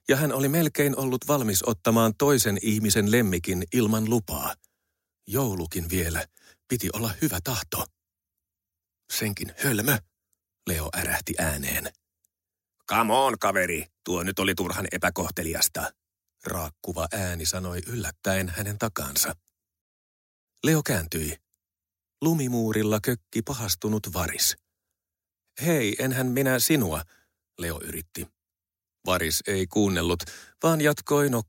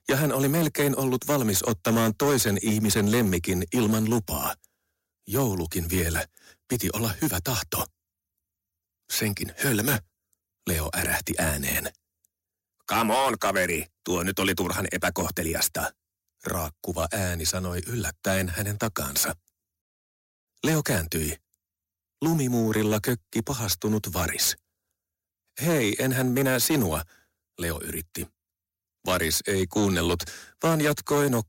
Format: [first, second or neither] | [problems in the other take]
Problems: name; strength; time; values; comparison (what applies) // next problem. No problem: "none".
first | distortion; slight; 6% of the sound clipped